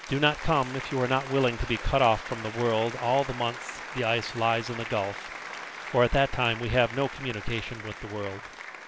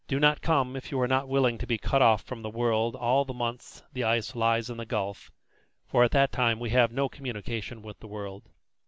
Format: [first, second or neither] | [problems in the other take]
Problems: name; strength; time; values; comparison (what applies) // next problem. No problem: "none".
second | background sound (Applause); 11 dB below the speech